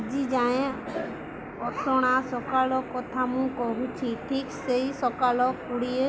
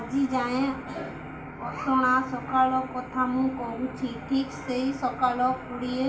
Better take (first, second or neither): first